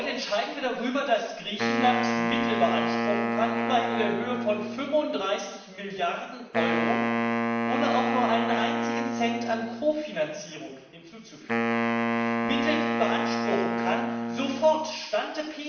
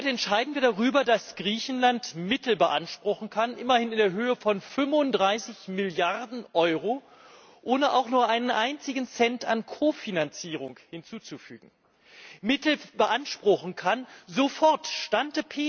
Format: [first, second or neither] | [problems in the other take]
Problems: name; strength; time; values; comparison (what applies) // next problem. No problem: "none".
second | background sound (Wind instrument, woodwind instrument); as loud as the speech // room echo; dies away in 1 s